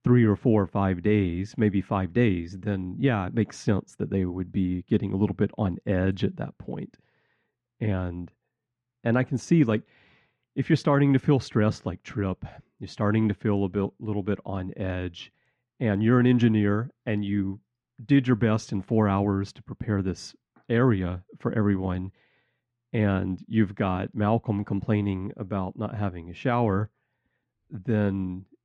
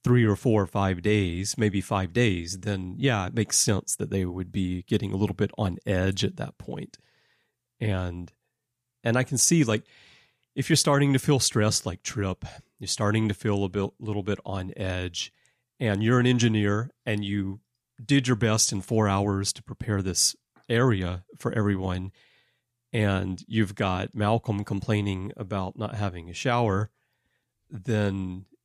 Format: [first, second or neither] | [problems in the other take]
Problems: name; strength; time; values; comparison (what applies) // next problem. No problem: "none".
second | muffled; very; fading above 2 kHz